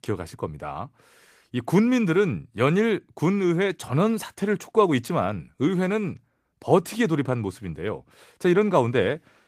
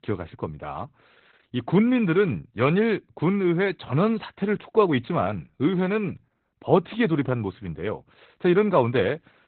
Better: first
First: garbled, watery; slightly; nothing above 15 kHz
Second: garbled, watery; badly; nothing above 4 kHz

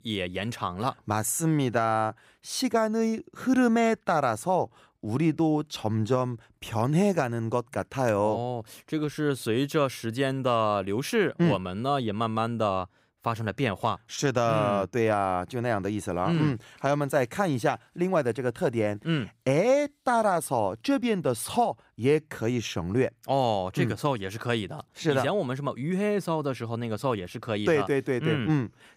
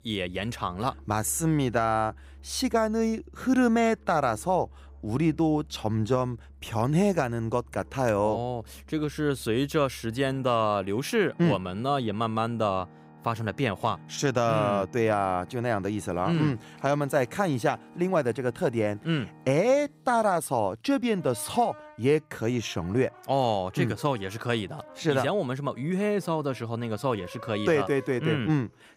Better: first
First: none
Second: background music; faint; throughout; 25 dB below the speech

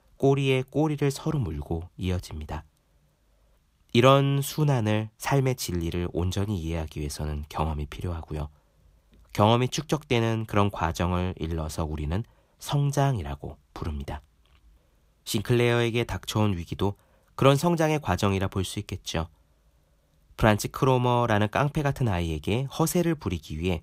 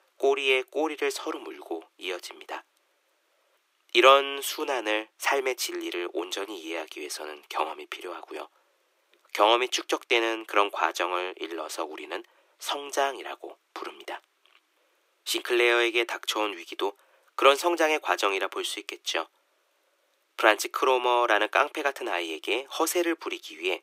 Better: first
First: none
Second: thin; very; fading below 350 Hz

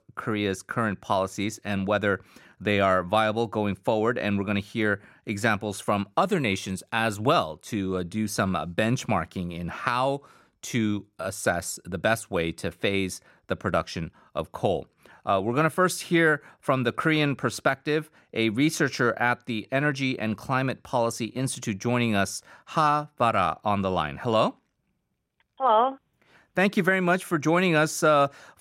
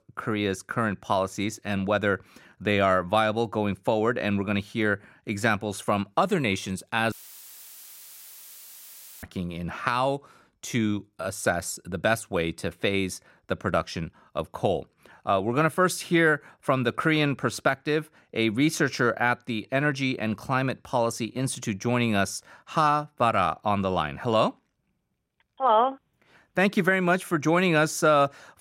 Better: first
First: none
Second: audio cutting out; filled with static; at 7 s for 2 s

